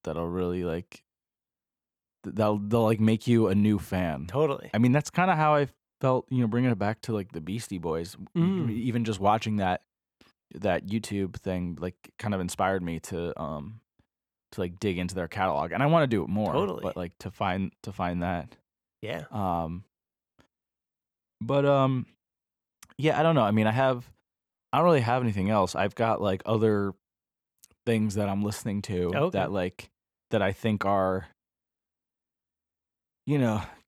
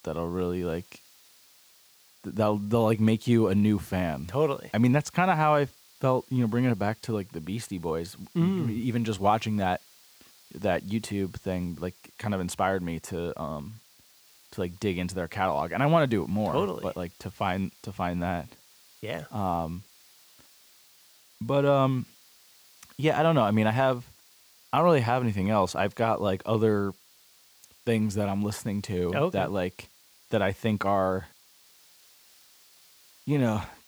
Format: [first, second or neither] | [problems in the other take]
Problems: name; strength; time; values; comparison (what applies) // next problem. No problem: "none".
first | hiss; faint; throughout; 25 dB below the speech